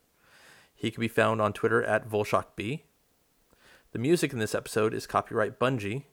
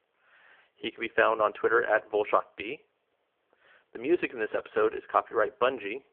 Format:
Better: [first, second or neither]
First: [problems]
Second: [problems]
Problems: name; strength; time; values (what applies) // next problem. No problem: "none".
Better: first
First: none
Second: phone-call audio; poor line; nothing above 3 kHz